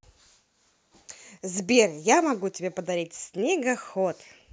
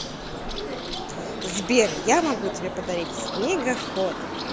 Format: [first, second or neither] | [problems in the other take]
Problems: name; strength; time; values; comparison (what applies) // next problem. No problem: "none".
first | background sound (Bird); 5 dB below the speech